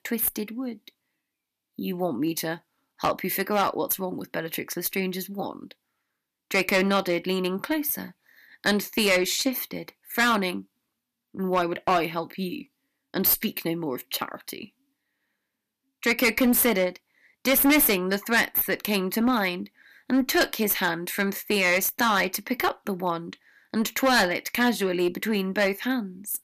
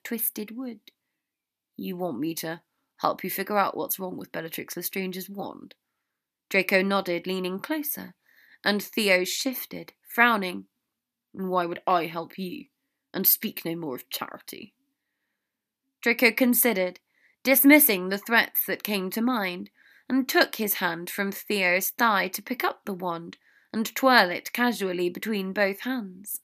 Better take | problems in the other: second | distortion; heavy; 5% of the sound clipped

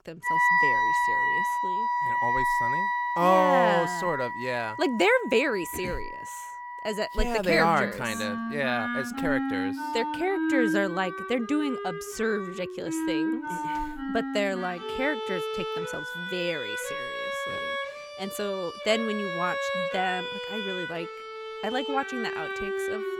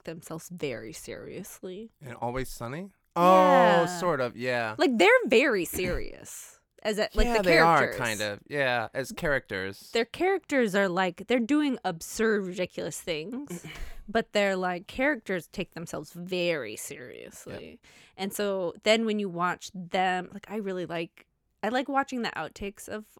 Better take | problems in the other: second | background music; loud; throughout; 1 dB below the speech

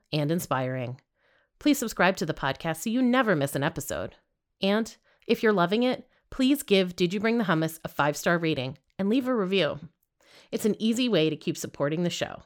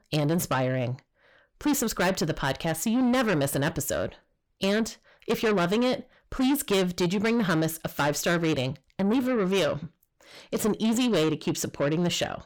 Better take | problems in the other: first | distortion; heavy; 7 dB below the speech

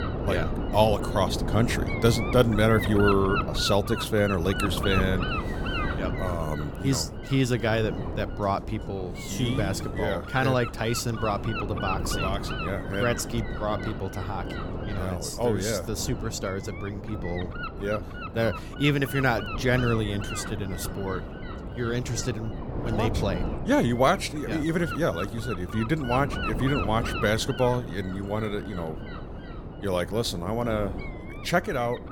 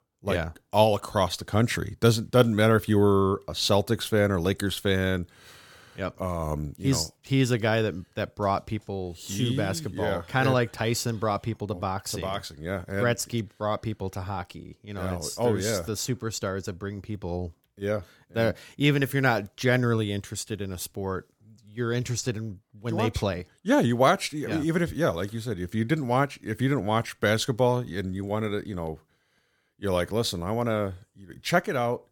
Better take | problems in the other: second | wind noise on the microphone; heavy; 6 dB below the speech

